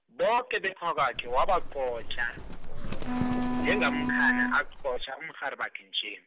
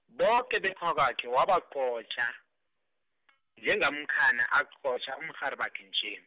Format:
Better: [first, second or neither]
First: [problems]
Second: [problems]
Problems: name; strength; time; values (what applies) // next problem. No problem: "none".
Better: second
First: background sound (Wind instrument, woodwind instrument + Livestock, farm animals, working animals); as loud as the speech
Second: none